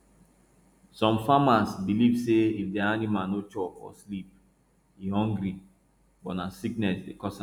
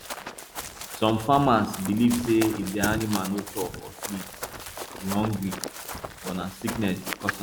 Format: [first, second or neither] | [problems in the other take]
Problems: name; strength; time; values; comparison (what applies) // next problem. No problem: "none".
first | background sound (Run); 9 dB below the speech